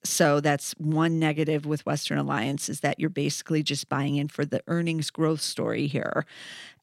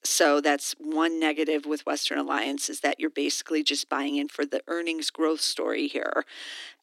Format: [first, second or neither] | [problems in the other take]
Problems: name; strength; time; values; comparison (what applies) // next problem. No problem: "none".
first | thin; very slightly; fading below 300 Hz